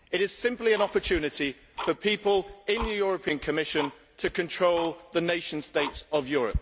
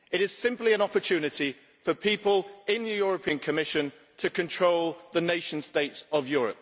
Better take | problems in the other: second | background sound (Tick-tock); 12 dB below the speech

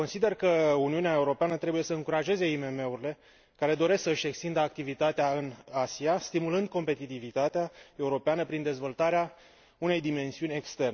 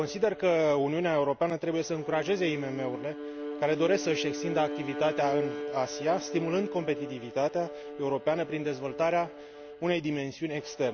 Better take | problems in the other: first | background sound (Bowed string instrument); 9 dB below the speech

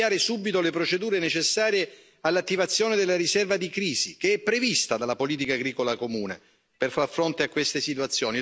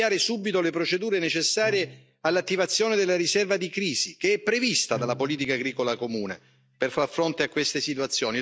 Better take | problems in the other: first | noise reduction (neural mask model DeepFilterNet 3)

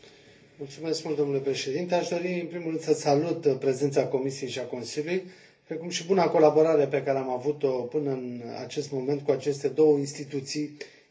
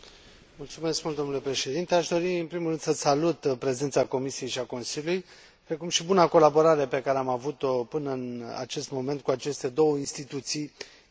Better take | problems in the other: second | room echo; dies away in 0.3 s

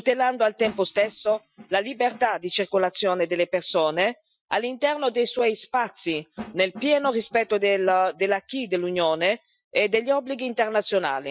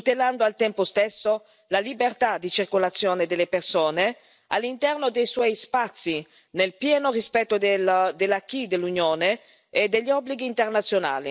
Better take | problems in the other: second | noise reduction (classical method Wiener filter)

